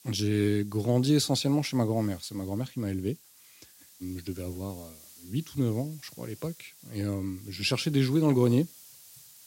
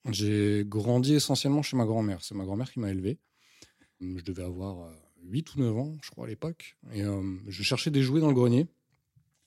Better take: second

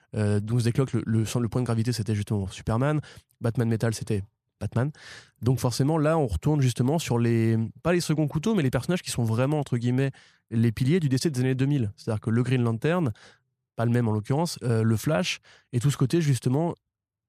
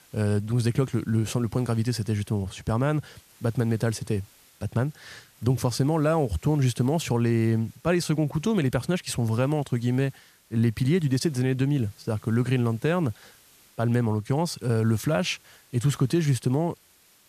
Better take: first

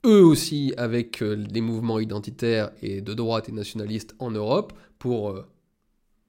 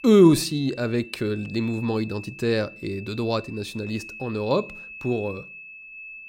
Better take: first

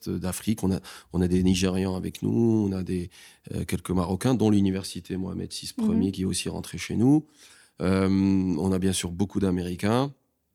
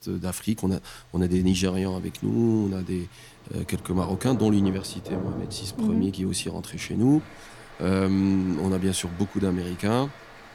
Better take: first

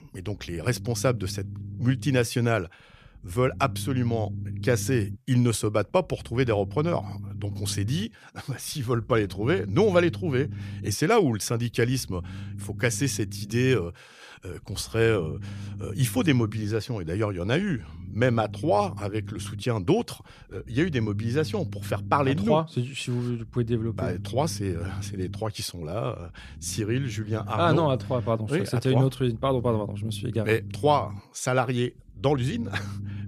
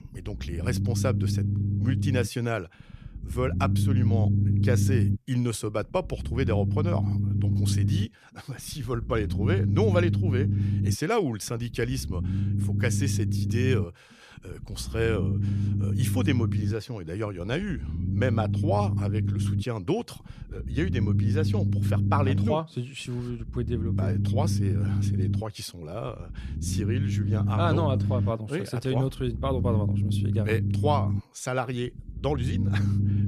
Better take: first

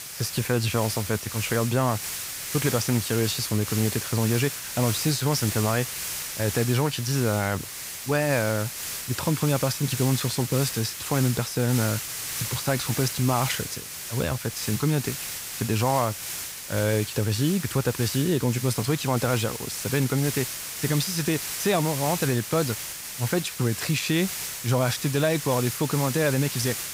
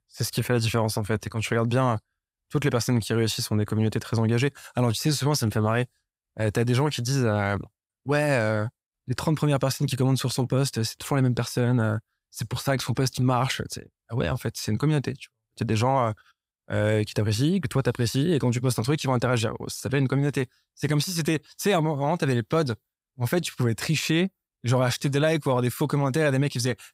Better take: second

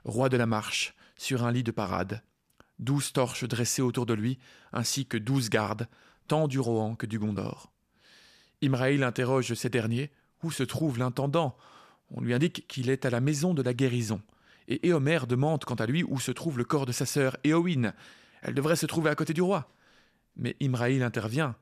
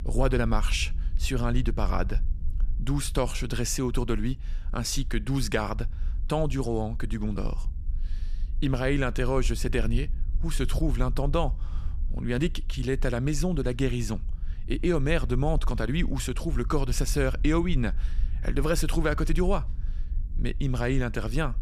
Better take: first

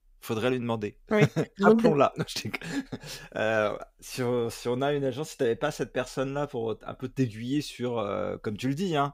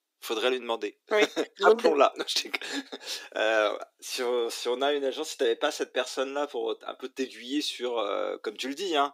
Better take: first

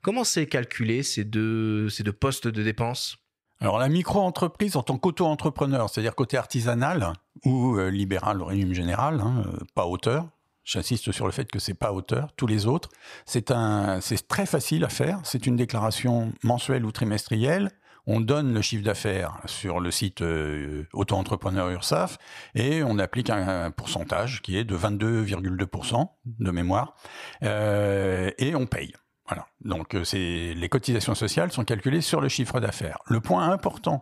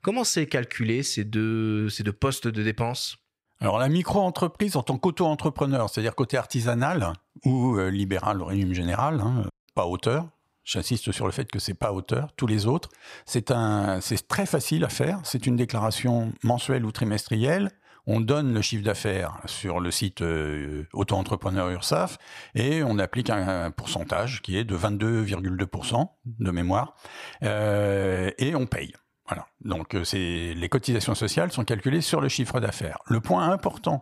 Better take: first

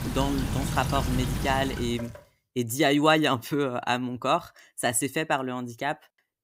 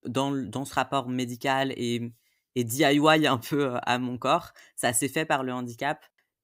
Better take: second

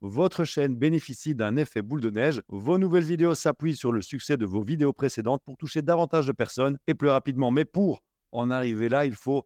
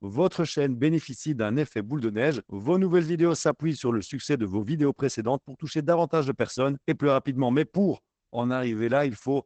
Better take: first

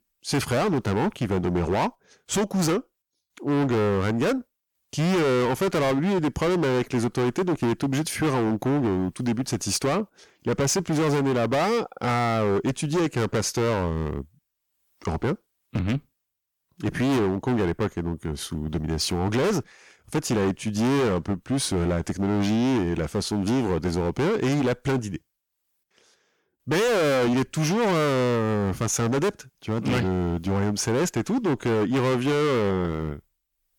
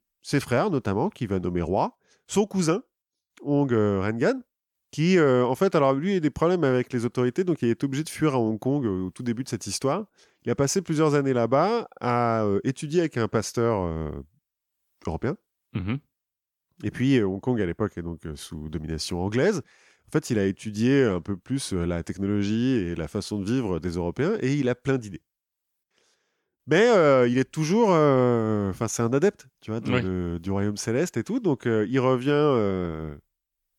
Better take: second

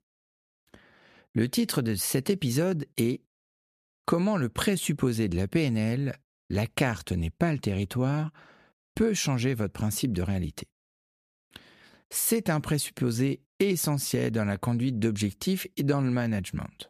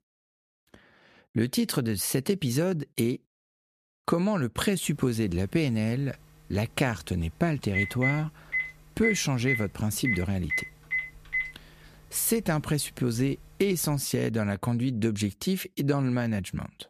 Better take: first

